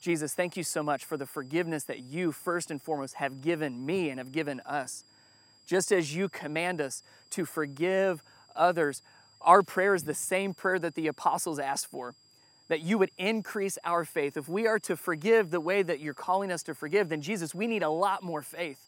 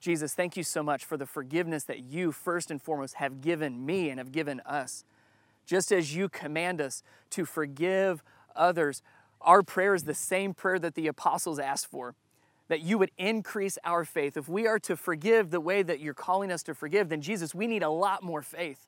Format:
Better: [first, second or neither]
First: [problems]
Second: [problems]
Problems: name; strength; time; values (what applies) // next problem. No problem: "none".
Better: second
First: high-pitched whine; faint; throughout; 5 kHz, 30 dB below the speech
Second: none